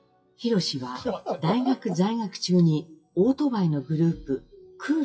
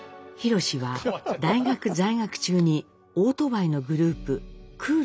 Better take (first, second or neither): second